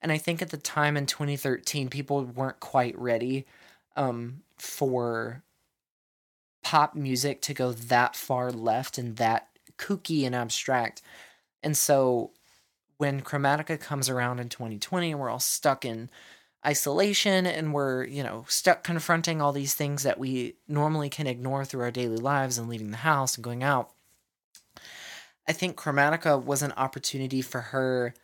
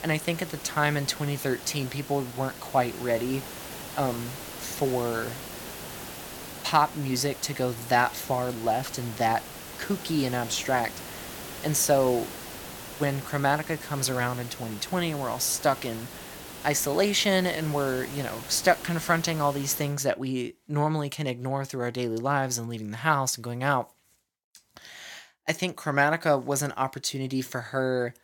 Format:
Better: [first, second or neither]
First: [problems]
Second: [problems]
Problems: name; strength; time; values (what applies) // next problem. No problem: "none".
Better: first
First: none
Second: hiss; noticeable; until 20 s; 10 dB below the speech